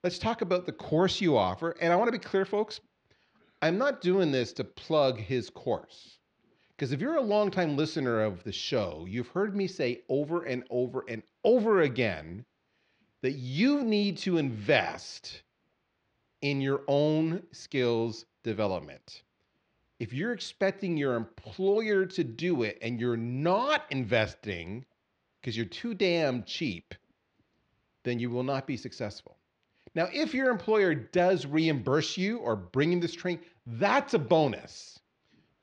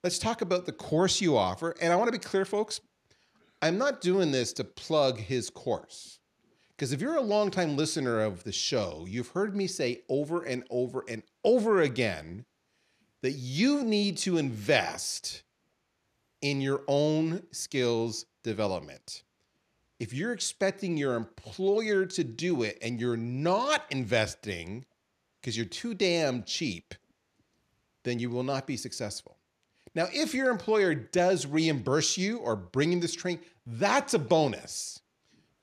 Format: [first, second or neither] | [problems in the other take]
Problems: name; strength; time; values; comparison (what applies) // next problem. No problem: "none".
second | muffled; very slightly; fading above 4 kHz